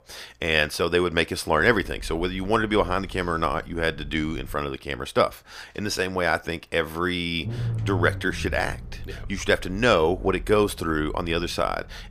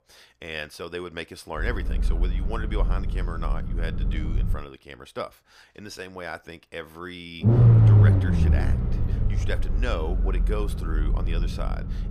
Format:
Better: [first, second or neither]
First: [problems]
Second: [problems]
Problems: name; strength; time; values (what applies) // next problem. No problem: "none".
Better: first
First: low rumble; faint; from 1.5 to 4.5 s and from 7.5 s on; 25 dB below the speech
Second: low rumble; loud; from 1.5 to 4.5 s and from 7.5 s on; as loud as the speech